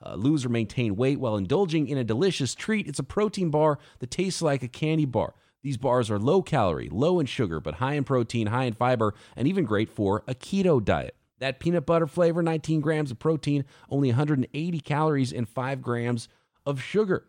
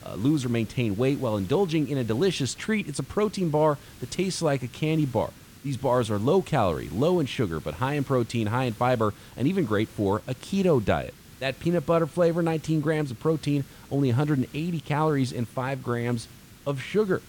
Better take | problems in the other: first | hiss; faint; throughout; 20 dB below the speech

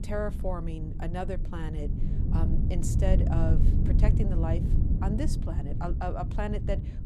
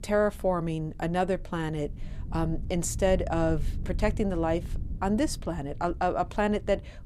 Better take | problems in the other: second | low rumble; loud; throughout; 5 dB below the speech; faint in the second

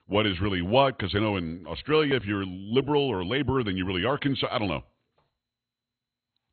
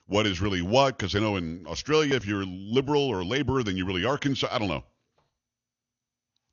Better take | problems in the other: second | garbled, watery; badly; nothing above 4 kHz; slightly in the second

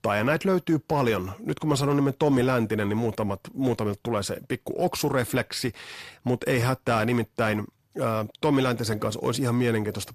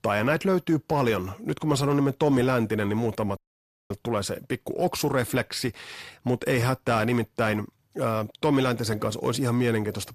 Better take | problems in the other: first | audio cutting out; at 3.5 s for 0.5 s

